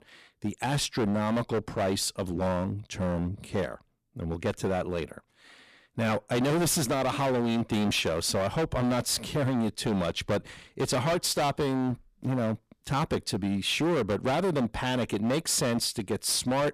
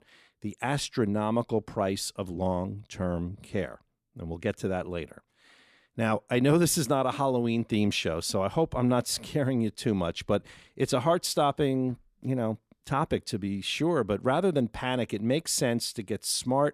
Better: second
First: distortion; heavy; 18% of the sound clipped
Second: none

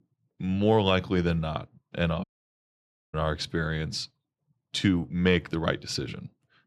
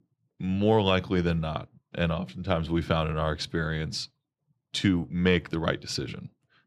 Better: second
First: audio cutting out; at 2 s for 1 s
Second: none

